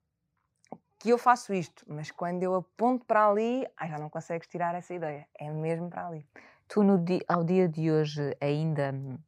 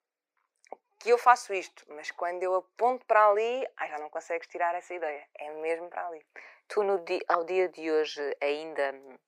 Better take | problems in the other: first | thin; very; fading below 350 Hz

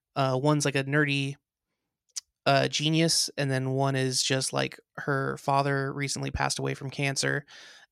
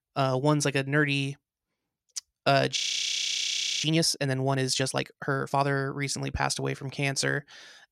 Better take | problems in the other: first | audio freezing; at 3 s for 1 s

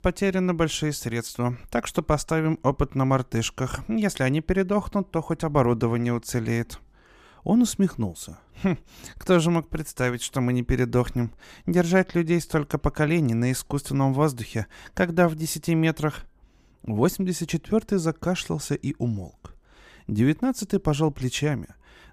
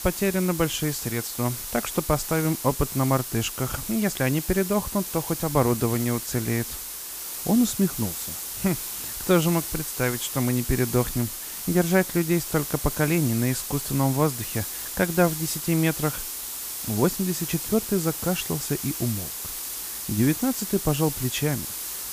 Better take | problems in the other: first | hiss; loud; throughout; 5 dB below the speech

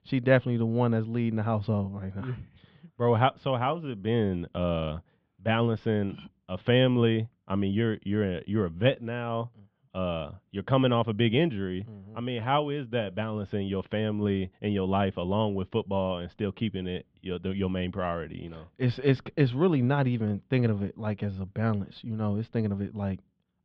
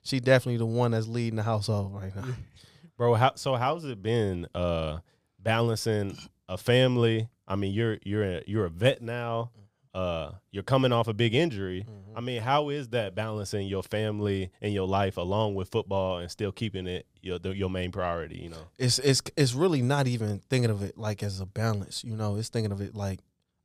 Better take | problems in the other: second | muffled; very; fading above 3 kHz

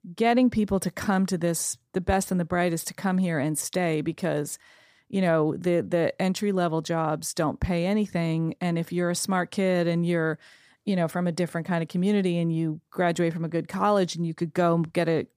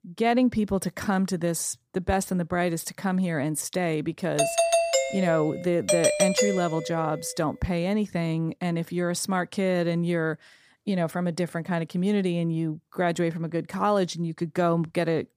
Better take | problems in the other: first | doorbell; loud; from 4.5 to 7 s; peak 4 dB above the speech

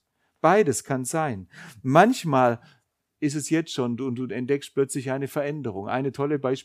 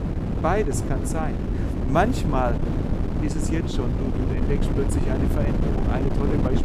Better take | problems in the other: first | wind noise on the microphone; heavy; 4 dB below the speech

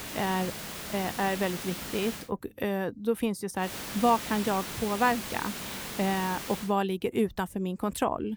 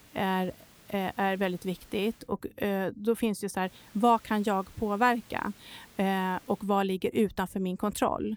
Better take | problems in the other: second | hiss; loud; until 2 s and from 3.5 to 6.5 s; 6 dB below the speech; faint in the second

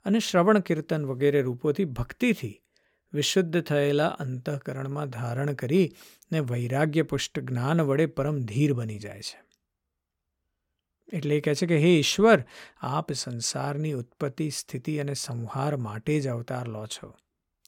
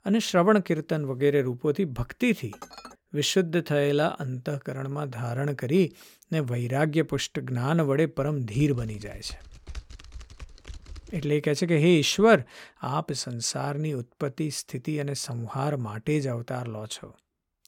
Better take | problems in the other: first | clattering dishes; faint; at 2.5 s; peak 15 dB below the speech // keyboard typing; faint; from 8.5 to 11 s; peak 15 dB below the speech

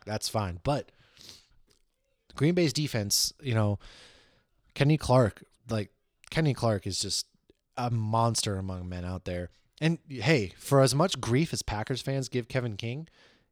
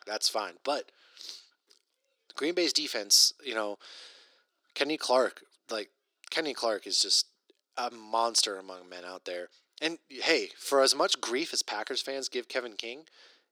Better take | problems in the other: first | thin; very; fading below 300 Hz

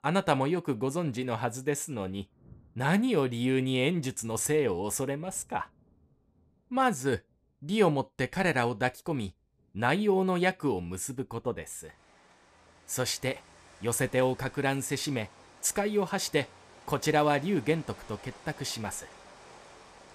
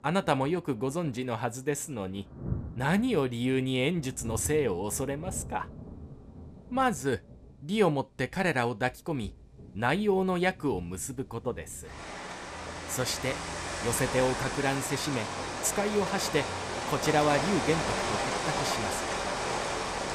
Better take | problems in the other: first | rain or running water; loud; throughout; 4 dB below the speech; faint in the first

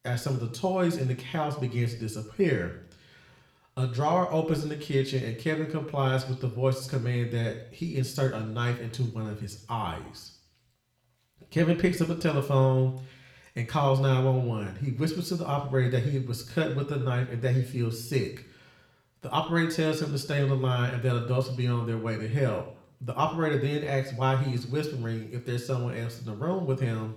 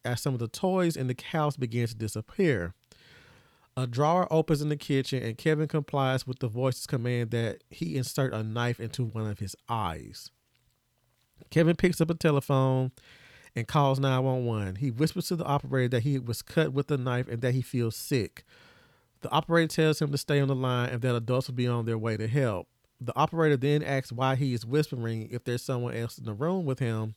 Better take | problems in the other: second | room echo; slight; dies away in 0.6 s

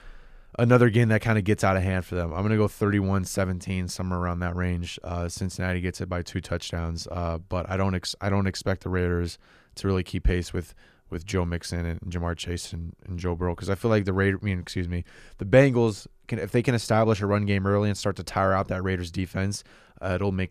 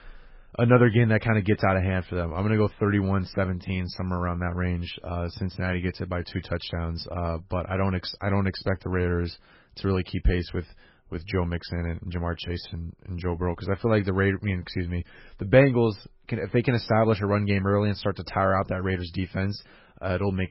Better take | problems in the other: first | garbled, watery; badly; nothing above 5.5 kHz

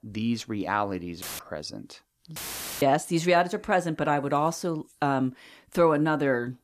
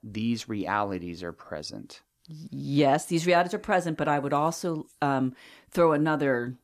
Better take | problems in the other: second | audio cutting out; filled with static; at 1 s and at 2.5 s

